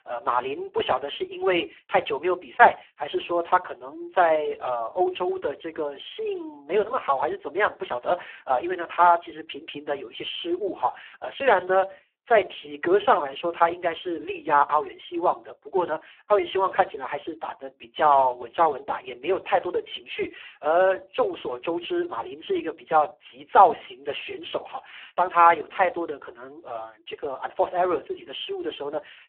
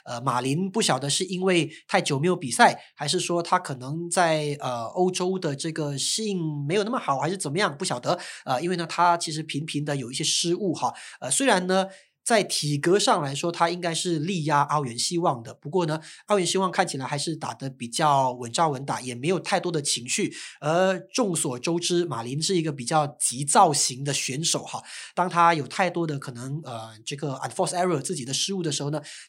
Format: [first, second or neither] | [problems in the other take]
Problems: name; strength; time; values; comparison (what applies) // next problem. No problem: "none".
second | phone-call audio; poor line